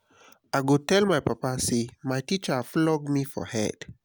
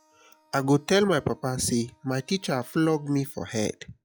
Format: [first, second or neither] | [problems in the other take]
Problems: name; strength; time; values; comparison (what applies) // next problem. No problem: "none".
first | noise reduction (classical method log-MMSE)